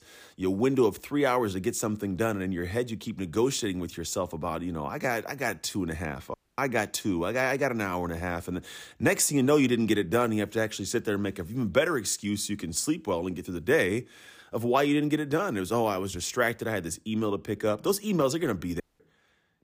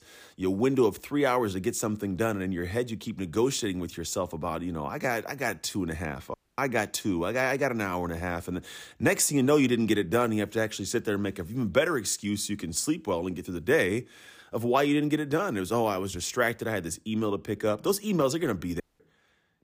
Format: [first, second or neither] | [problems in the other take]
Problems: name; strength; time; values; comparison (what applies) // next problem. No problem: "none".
neither | audio cutting out; at 6.5 s and at 19 s; the same in both